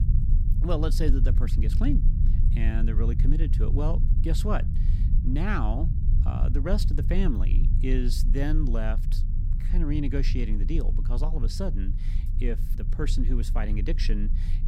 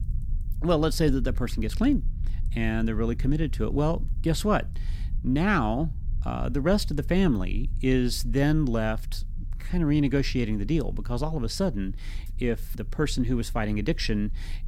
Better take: second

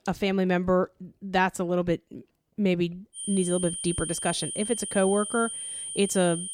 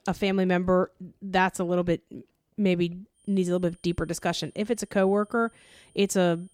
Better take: second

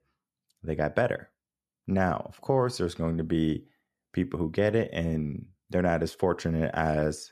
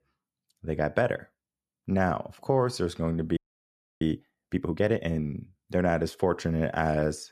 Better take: first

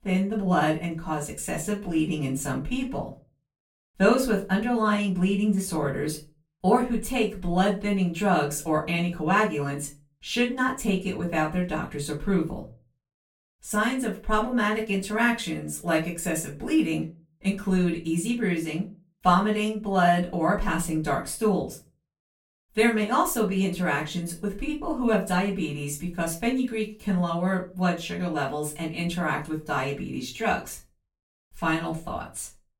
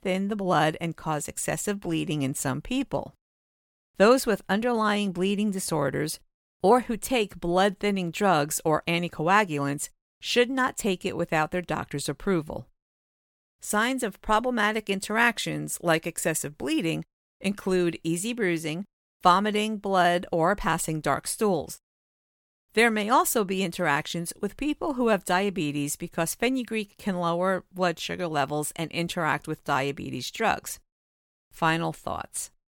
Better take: second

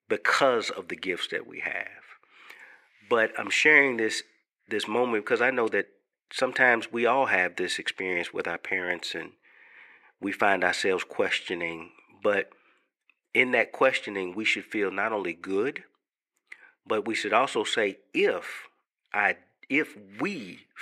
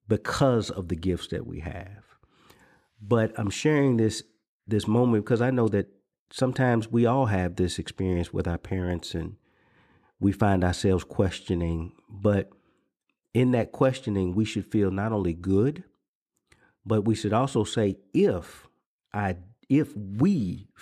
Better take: second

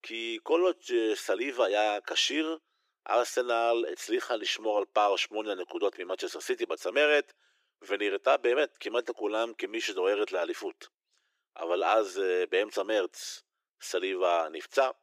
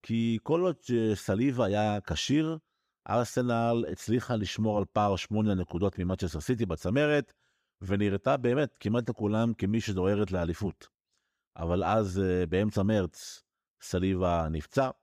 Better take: second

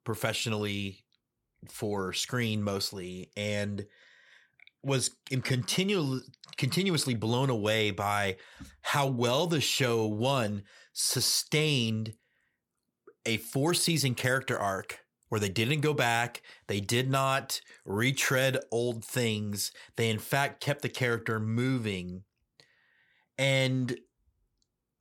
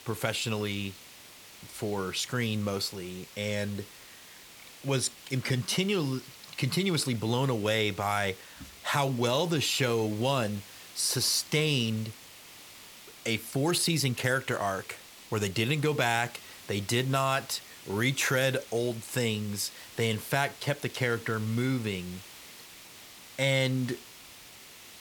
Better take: first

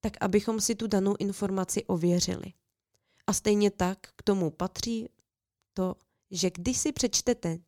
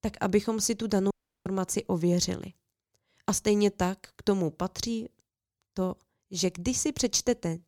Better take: first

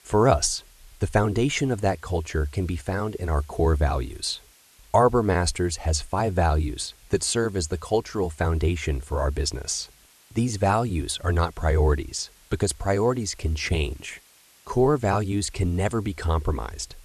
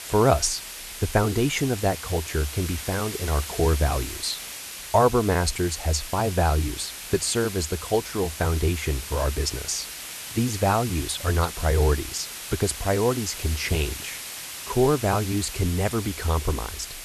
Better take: first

